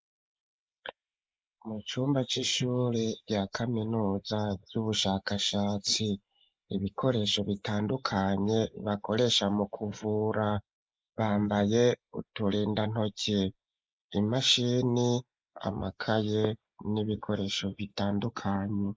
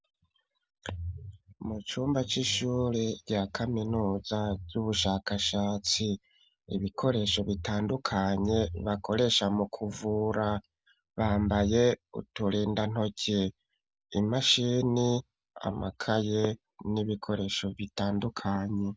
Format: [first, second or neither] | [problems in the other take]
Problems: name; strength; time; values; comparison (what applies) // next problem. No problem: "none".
second | noise reduction (neural mask model Resemble Enhance denoiser)